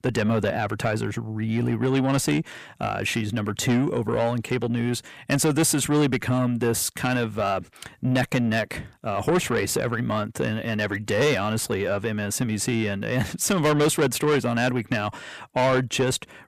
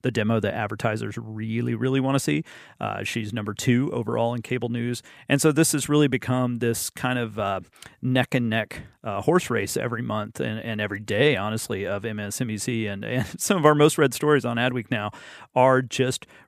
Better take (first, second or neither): second